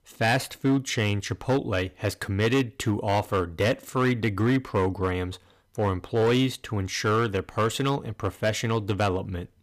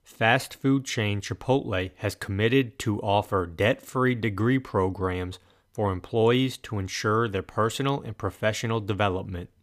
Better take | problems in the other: second | distortion; slight; 6% of the sound clipped

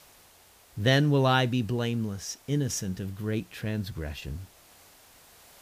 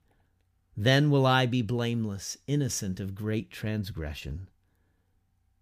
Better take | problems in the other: second | hiss; faint; throughout; 25 dB below the speech

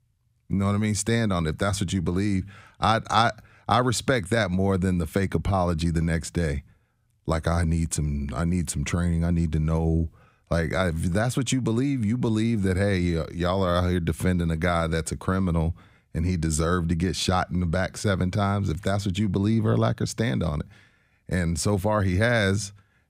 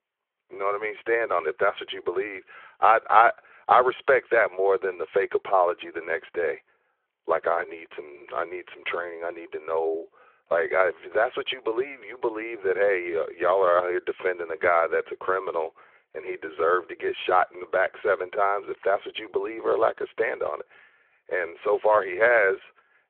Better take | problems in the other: first | phone-call audio

